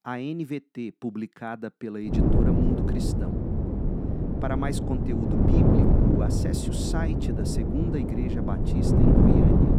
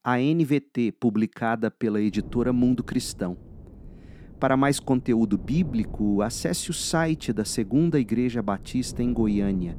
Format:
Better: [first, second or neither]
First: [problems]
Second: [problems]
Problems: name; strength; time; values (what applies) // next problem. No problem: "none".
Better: second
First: wind noise on the microphone; heavy; from 2 s on; 5 dB above the speech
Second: wind noise on the microphone; occasional gusts; from 2 s on; 20 dB below the speech